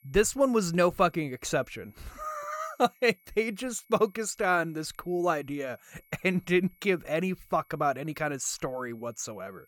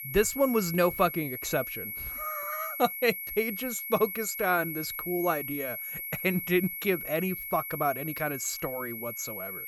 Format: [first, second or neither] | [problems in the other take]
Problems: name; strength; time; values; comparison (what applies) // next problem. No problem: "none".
first | high-pitched whine; loud; throughout; 2 kHz, 5 dB below the speech; faint in the first